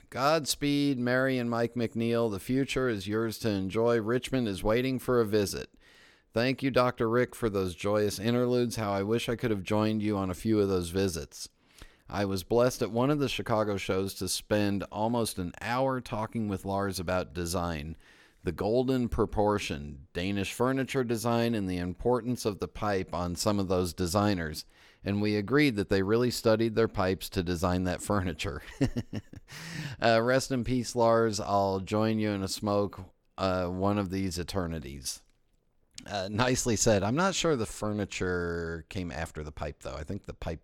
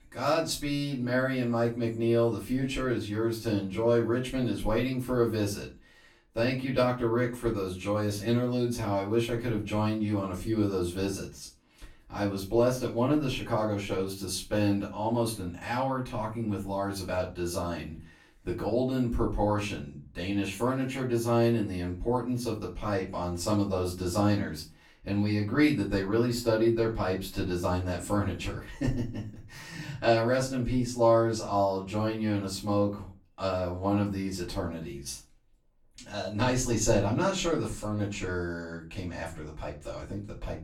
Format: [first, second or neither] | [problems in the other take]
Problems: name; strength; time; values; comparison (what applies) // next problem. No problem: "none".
first | off-mic speech; far // room echo; slight; dies away in 0.3 s